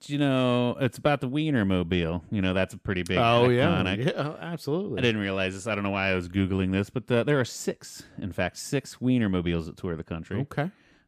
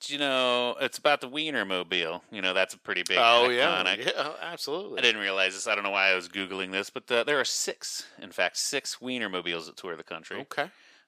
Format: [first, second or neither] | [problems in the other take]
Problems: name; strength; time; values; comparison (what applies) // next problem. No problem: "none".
first | thin; very; fading below 550 Hz